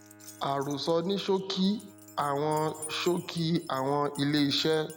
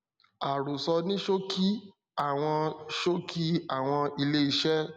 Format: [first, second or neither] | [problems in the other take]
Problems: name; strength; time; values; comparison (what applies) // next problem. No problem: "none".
second | background sound (Bowed string instrument + Keys jangling); 19 dB below the speech